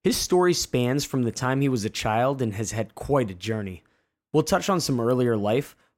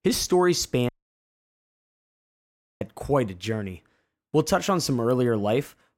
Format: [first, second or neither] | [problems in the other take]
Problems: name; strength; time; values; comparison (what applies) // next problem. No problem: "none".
first | audio cutting out; at 1 s for 2 s